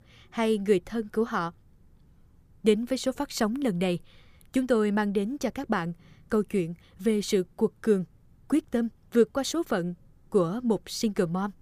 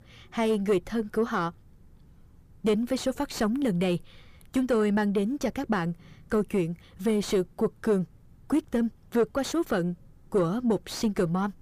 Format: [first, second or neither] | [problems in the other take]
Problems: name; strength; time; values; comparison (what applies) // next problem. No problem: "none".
first | distortion; slight; 10 dB below the speech